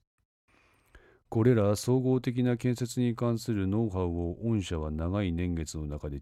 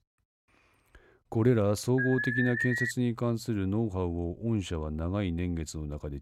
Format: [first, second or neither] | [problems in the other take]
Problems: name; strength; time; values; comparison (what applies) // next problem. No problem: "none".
first | alarm; loud; at 2 s; peak level with the speech